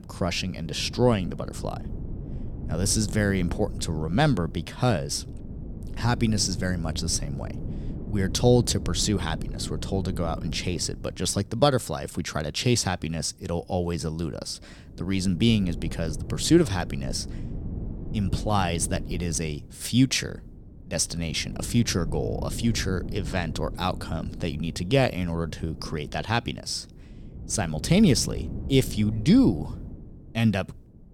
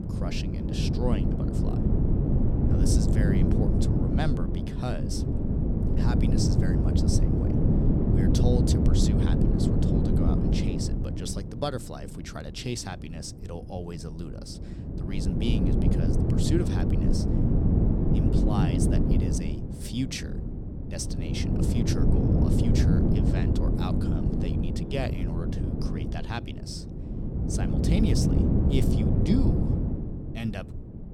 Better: first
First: wind noise on the microphone; occasional gusts; 15 dB below the speech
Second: wind noise on the microphone; heavy; 3 dB above the speech

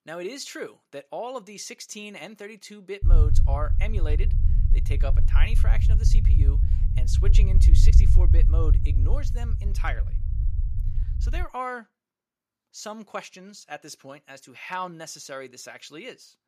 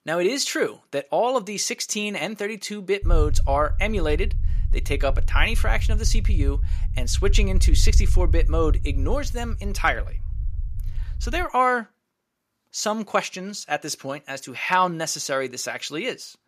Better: second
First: low rumble; loud; from 3 to 11 s; 7 dB below the speech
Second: low rumble; faint; from 3 to 11 s; 20 dB below the speech

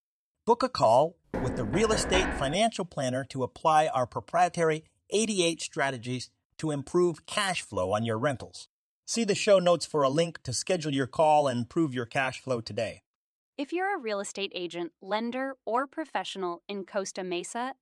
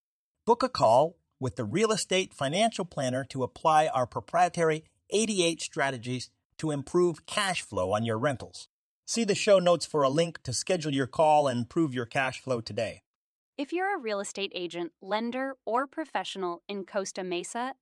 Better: second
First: door banging; noticeable; from 1.5 to 2.5 s; peak 1 dB below the speech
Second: none

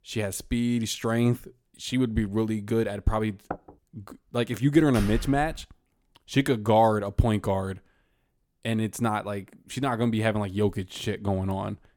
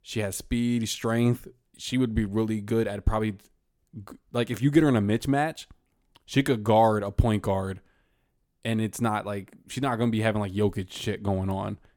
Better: second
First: door banging; faint; at 3.5 s; peak 15 dB below the speech // door banging; noticeable; at 5 s; peak 8 dB below the speech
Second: none

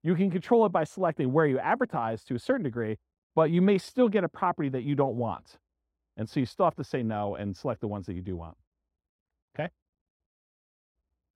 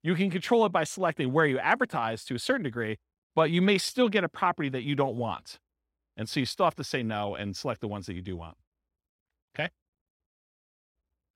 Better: second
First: muffled; slightly; fading above 1.5 kHz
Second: none

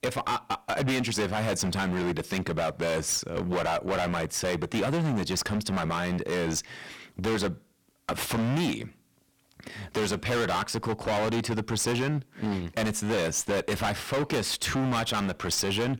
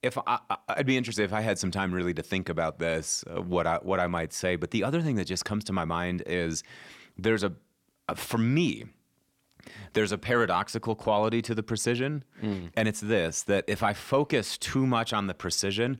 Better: second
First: distortion; heavy; 24% of the sound clipped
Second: none

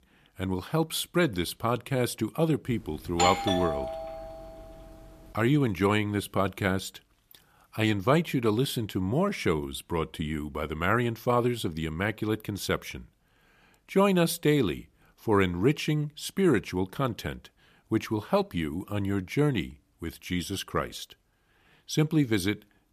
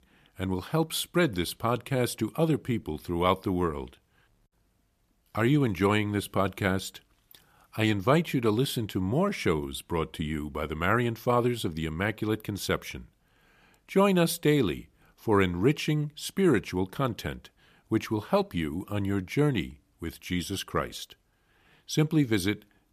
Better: second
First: doorbell; loud; from 3 to 4.5 s; peak 2 dB above the speech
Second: none

